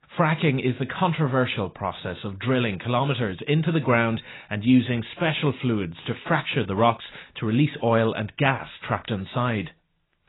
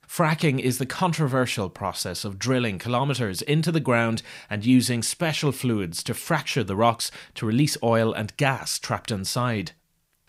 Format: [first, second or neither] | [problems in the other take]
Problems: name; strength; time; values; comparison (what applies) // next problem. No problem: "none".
second | garbled, watery; badly; nothing above 4 kHz